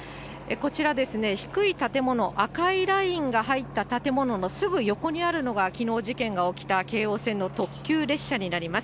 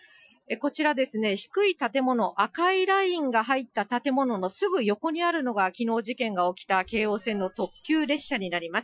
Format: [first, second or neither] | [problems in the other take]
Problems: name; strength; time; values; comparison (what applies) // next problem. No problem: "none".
first | noise reduction (classical method Wiener filter)